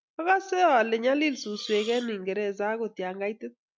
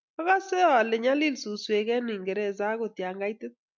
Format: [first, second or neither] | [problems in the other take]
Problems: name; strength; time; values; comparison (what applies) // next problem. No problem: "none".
second | background sound (Hiss); 16 dB below the speech